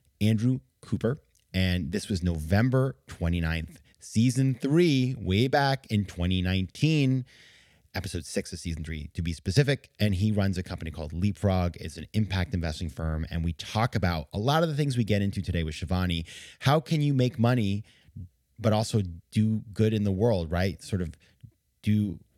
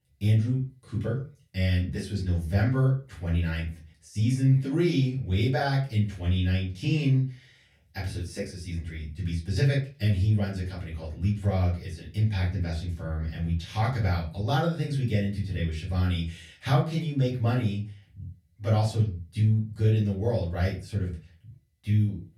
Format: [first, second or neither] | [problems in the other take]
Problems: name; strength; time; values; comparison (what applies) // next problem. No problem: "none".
first | room echo; slight; dies away in 0.3 s // off-mic speech; far